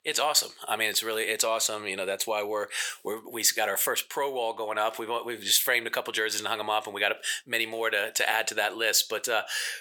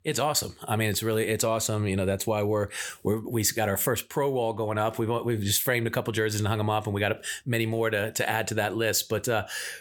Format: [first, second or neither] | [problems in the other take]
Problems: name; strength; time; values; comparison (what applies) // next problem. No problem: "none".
second | thin; very; fading below 550 Hz